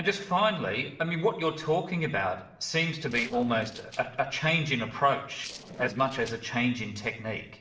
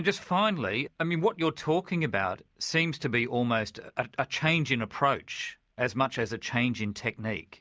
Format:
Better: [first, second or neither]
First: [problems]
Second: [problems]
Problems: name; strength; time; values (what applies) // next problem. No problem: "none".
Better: second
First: noise reduction (neural separator model SepFormer DNS4)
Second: none